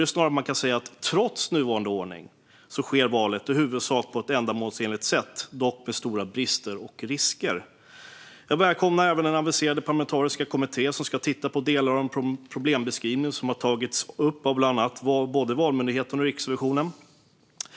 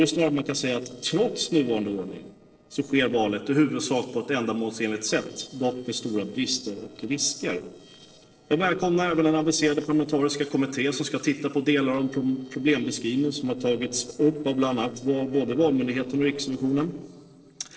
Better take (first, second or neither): first